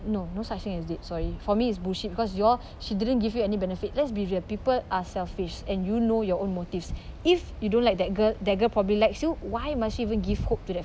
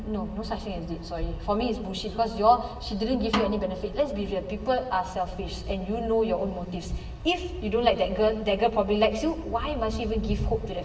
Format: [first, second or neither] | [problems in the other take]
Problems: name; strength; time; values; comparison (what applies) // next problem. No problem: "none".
first | background sound (Snare drum); 8 dB below the speech // room echo; dies away in 1 s